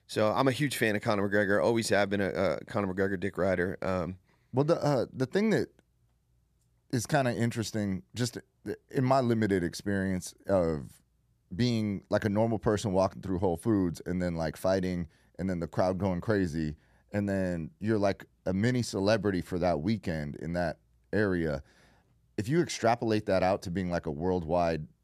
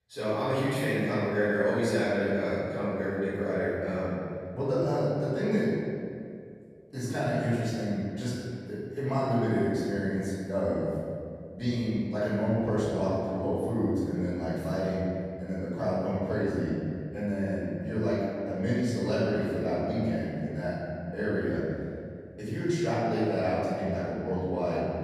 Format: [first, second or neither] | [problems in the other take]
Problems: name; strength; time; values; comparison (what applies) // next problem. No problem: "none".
first | off-mic speech; far // room echo; strong; dies away in 2.2 s